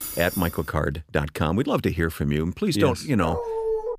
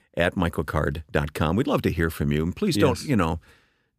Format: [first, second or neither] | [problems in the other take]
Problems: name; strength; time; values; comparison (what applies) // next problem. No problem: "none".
second | jangling keys; noticeable; at the start; peak 6 dB below the speech // dog barking; noticeable; at 3 s; peak 2 dB below the speech